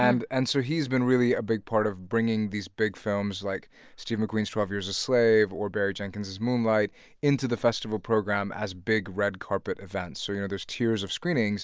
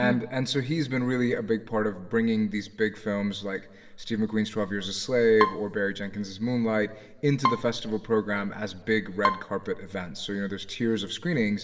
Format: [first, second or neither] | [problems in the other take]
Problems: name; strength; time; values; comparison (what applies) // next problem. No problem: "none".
first | background sound (Bowed string instrument); 7 dB below the speech // room echo; dies away in 2.1 s